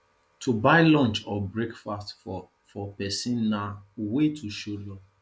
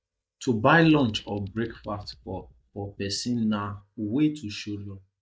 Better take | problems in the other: first | noise reduction (neural mask model DeepFilterNet 3)

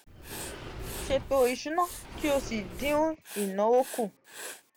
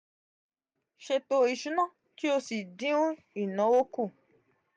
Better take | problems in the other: second | background sound (Sliding door + Writing); 11 dB below the speech

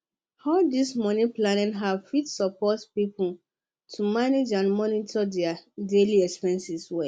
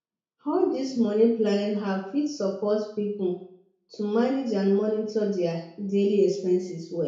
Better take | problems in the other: first | room echo; dies away in 0.6 s

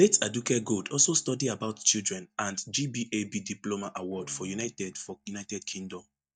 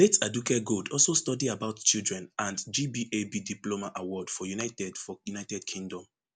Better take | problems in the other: second | noise reduction (neural mask model DeepFilterNet 3)

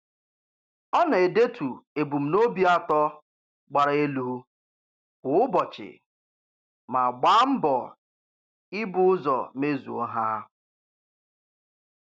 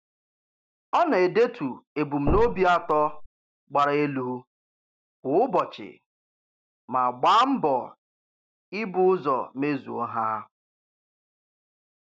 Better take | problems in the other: first | background sound (Thump, thud); 2 dB below the speech

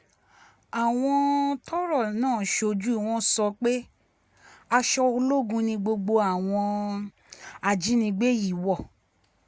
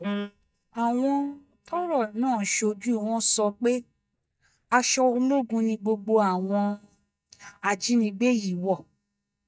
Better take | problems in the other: first | noise reduction (neural mask model DeepFilterNet 3)

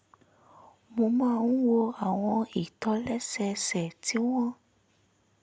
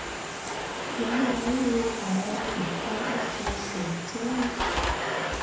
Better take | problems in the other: first | background sound (Domestic sounds, home sounds); as loud as the speech // room echo; dies away in 1 s

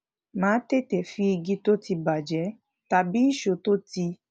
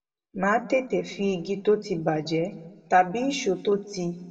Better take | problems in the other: first | room echo; dies away in 1.2 s

